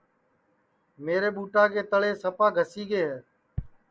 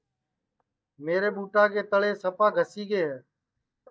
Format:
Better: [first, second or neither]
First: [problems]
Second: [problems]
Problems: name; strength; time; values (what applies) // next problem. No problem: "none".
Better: first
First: none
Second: noise reduction (neural mask model DeepFilterNet 3)